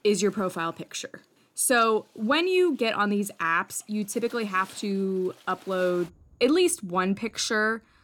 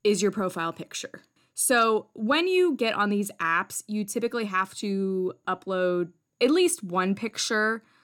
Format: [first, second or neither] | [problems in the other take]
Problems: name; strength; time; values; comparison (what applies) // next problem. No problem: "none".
second | rain or running water; faint; throughout; 25 dB below the speech